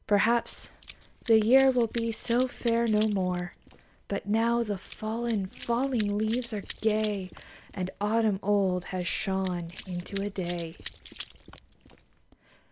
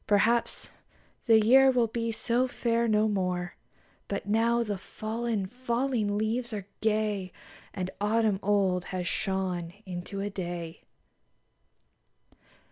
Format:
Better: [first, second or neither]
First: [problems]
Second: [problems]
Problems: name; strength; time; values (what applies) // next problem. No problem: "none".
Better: second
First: background sound (Run); 19 dB below the speech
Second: none